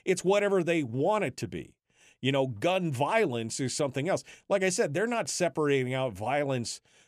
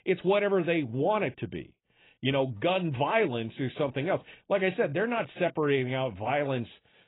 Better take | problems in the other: first | garbled, watery; badly; nothing above 3.5 kHz

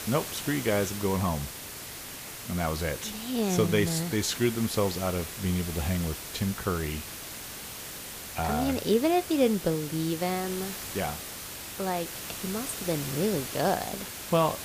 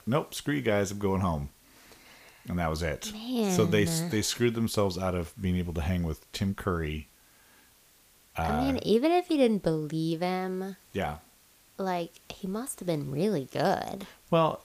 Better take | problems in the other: second | hiss; loud; throughout; 8 dB below the speech; faint in the second

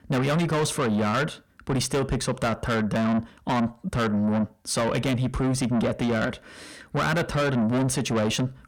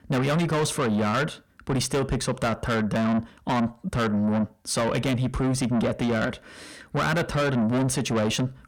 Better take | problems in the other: neither | distortion; heavy; 7 dB below the speech; the same in both

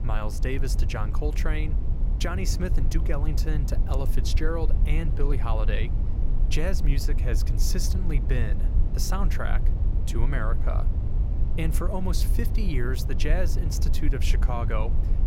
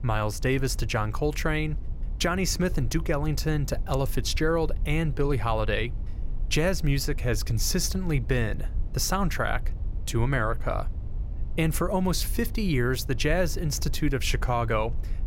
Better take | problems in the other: second | low rumble; loud; throughout; 9 dB below the speech; faint in the second

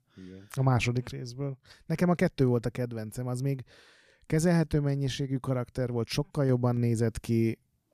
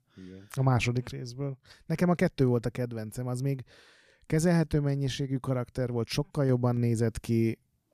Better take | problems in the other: neither | none

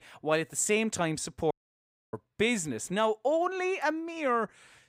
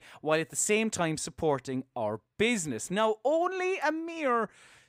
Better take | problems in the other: second | audio cutting out; at 1.5 s for 0.5 s

